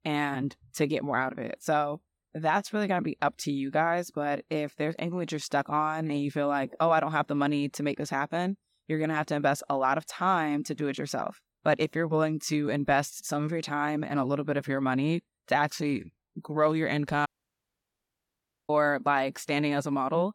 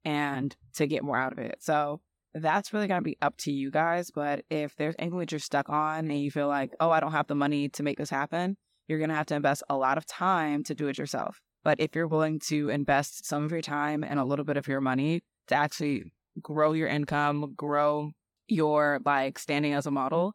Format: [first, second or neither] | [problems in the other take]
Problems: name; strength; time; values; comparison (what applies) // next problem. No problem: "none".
second | audio cutting out; at 17 s for 1.5 s